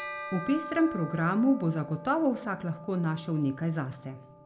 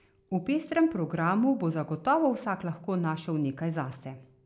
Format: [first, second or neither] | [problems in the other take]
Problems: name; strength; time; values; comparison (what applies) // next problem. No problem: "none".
second | background sound (Bell); 14 dB below the speech // room echo; dies away in 0.2 s